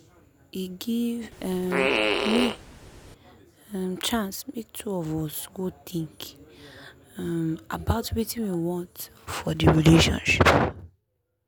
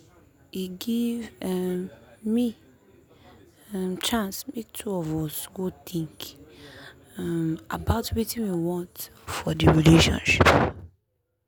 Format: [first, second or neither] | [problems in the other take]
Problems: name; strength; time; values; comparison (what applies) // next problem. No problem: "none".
second | background sound (Fart); 1 dB below the speech